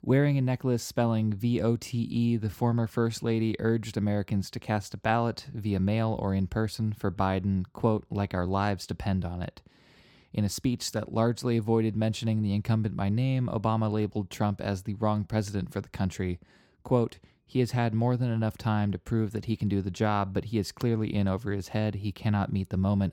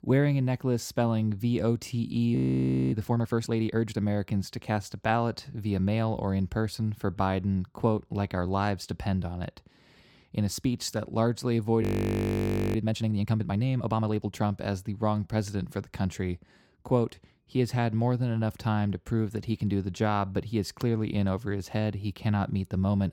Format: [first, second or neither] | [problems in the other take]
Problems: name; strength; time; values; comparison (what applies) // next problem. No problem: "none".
first | audio freezing; at 2.5 s for 0.5 s and at 12 s for 1 s